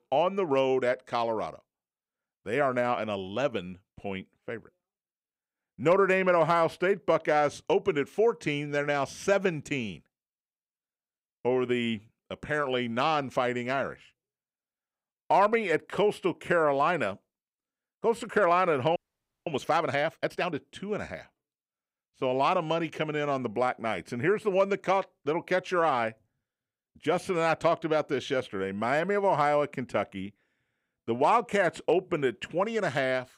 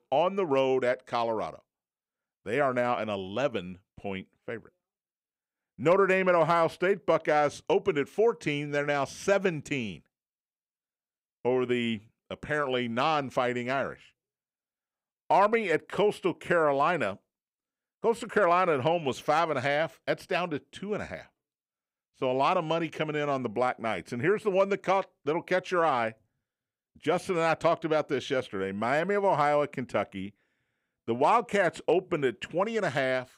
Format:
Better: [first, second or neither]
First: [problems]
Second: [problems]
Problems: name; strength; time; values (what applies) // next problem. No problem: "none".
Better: second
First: audio freezing; at 19 s for 0.5 s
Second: none